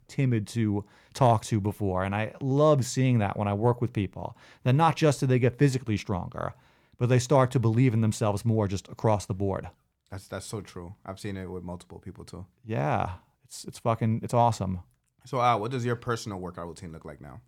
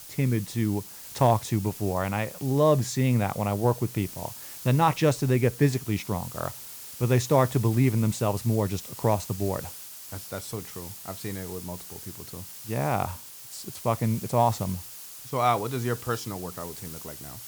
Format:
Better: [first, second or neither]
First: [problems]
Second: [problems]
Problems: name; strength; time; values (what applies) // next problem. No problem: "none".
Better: first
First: none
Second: hiss; noticeable; throughout; 15 dB below the speech